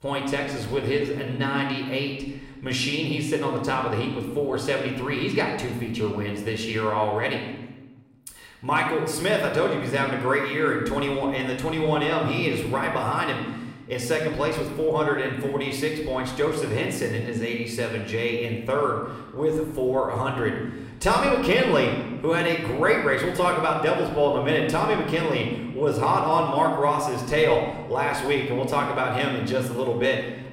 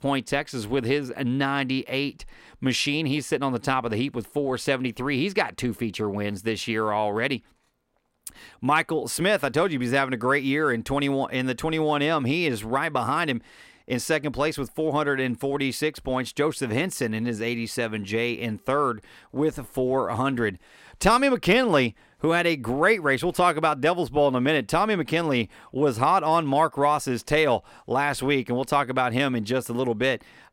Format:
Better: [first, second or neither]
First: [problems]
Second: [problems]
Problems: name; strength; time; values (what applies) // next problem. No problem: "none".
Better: second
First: room echo; noticeable; dies away in 1 s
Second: none